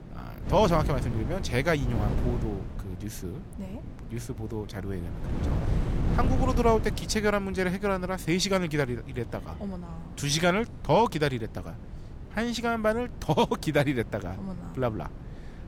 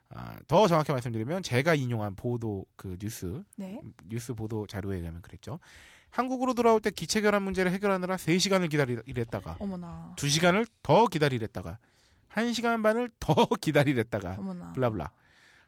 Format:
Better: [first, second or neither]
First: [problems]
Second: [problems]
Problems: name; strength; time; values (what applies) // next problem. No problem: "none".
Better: second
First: wind noise on the microphone; occasional gusts; 15 dB below the speech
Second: none